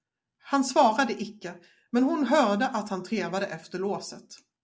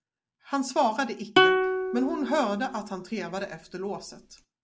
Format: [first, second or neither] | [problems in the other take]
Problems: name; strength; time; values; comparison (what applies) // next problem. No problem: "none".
first | background sound (Plucked string instrument); 2 dB above the speech